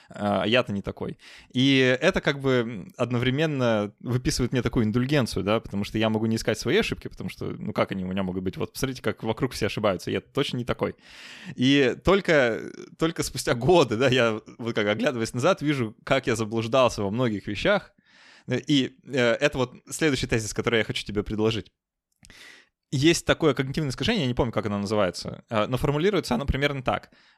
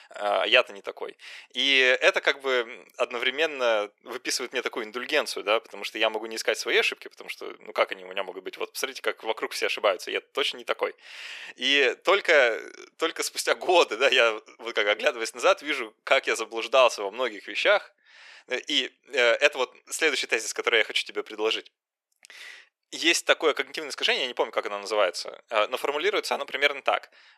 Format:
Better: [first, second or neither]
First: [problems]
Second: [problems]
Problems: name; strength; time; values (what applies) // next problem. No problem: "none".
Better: first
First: none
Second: thin; very; fading below 450 Hz